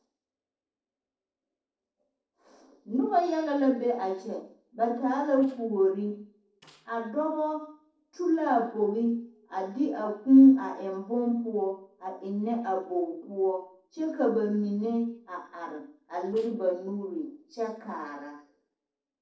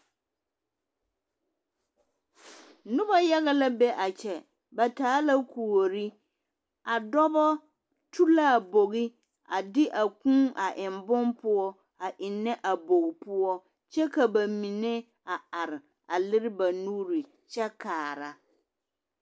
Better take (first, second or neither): second